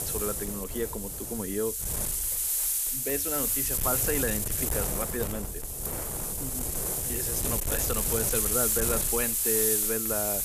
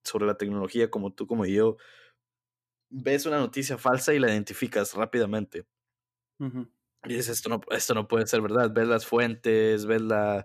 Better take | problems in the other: second | wind noise on the microphone; heavy; 2 dB above the speech

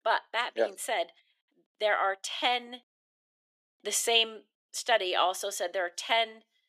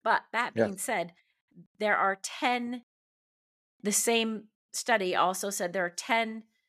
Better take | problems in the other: second | thin; very; fading below 300 Hz

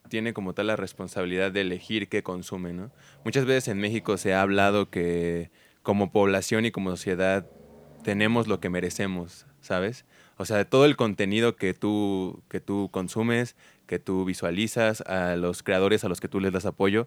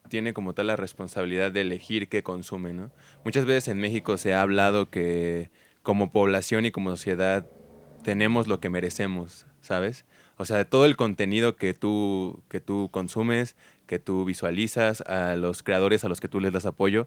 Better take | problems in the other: first | garbled, watery; slightly

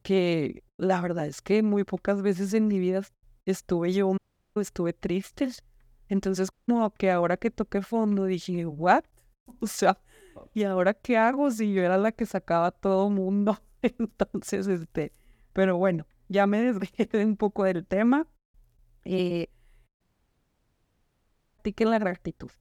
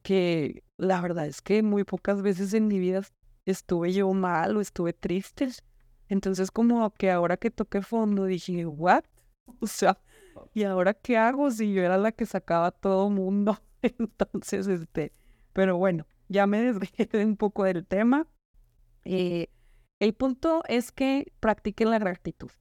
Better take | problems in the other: second | audio cutting out; at 4 s, at 6.5 s and at 20 s for 1.5 s

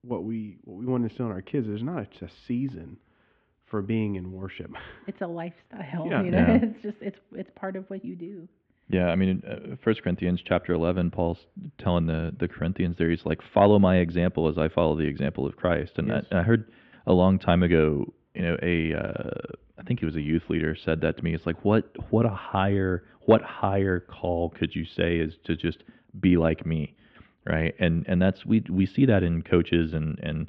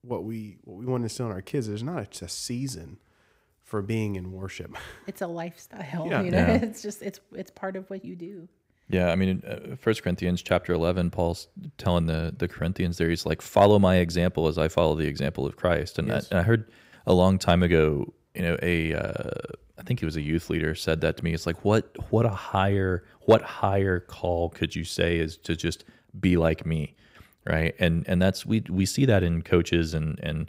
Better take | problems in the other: second | muffled; very; fading above 3 kHz

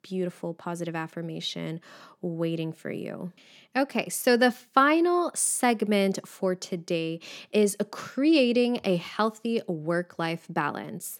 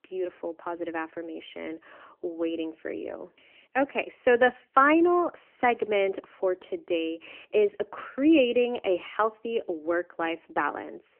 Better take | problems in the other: first | phone-call audio; nothing above 3 kHz

